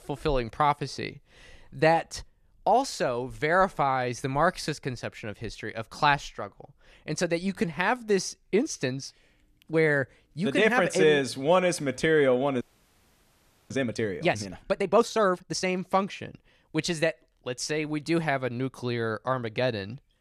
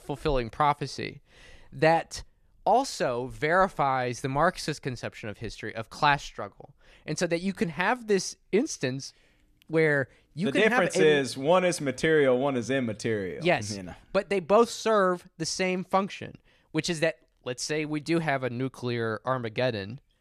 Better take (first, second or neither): second